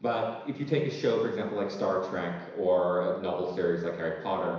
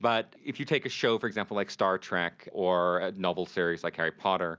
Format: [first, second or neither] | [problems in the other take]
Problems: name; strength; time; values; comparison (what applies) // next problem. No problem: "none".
second | room echo; dies away in 1 s